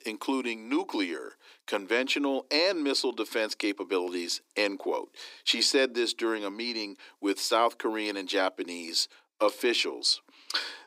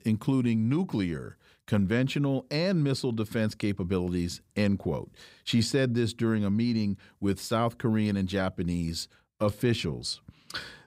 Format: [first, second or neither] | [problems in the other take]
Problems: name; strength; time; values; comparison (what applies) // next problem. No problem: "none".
second | thin; somewhat; fading below 300 Hz